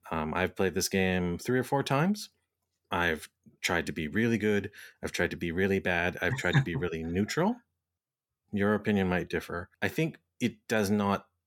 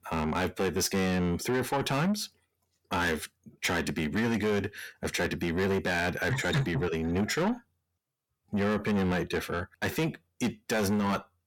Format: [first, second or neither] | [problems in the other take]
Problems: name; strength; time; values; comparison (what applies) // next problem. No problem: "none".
first | distortion; heavy; 7 dB below the speech